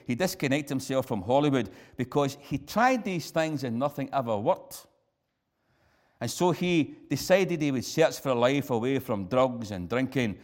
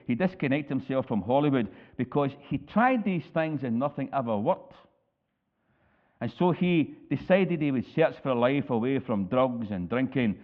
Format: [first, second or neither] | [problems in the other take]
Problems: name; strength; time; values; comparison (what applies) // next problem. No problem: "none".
first | muffled; very; fading above 3 kHz